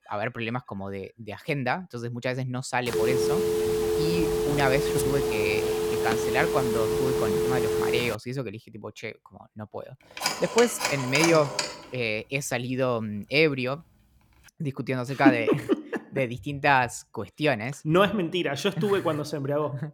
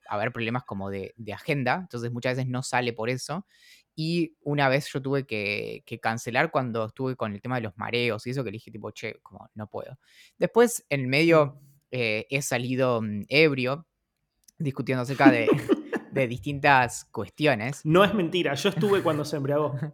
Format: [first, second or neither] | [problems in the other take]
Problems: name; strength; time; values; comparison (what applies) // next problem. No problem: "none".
second | phone ringing; loud; from 3 to 8 s and from 10 to 12 s; peak 3 dB above the speech